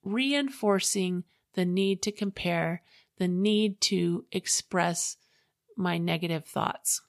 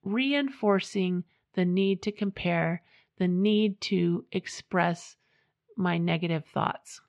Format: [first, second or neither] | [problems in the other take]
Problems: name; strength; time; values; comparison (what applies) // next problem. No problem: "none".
first | muffled; slightly; fading above 2.5 kHz